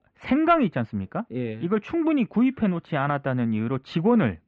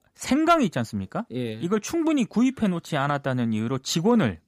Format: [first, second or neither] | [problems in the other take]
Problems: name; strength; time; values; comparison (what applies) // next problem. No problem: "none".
second | muffled; very; fading above 2.5 kHz